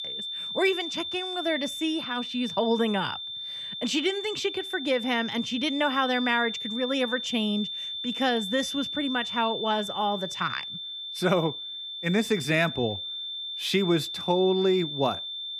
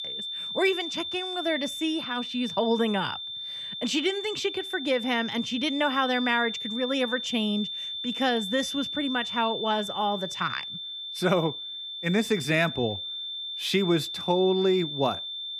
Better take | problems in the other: neither | high-pitched whine; loud; throughout; 3.5 kHz, 5 dB below the speech; the same in both

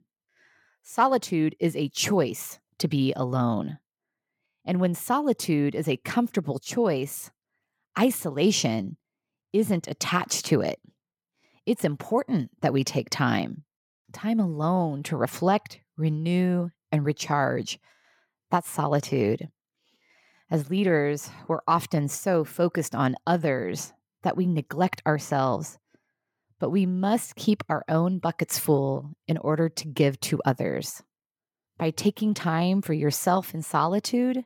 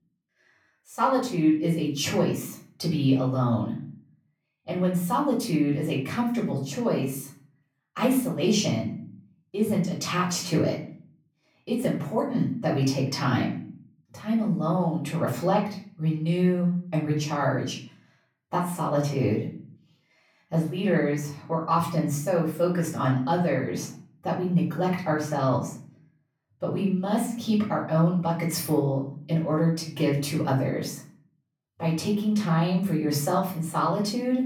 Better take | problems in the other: first | room echo; slight; dies away in 0.4 s // off-mic speech; far

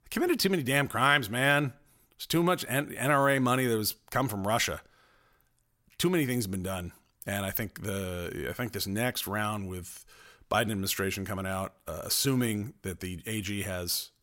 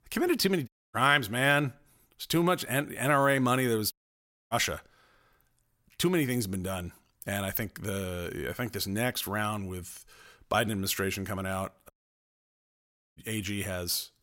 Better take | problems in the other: first | audio cutting out; at 0.5 s, at 4 s for 0.5 s and at 12 s for 1.5 s

